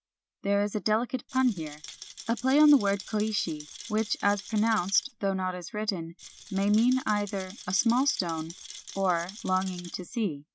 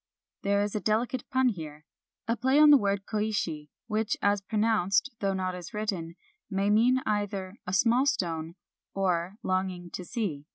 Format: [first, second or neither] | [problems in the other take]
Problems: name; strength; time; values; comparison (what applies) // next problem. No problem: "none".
second | background sound (Rattle); 16 dB below the speech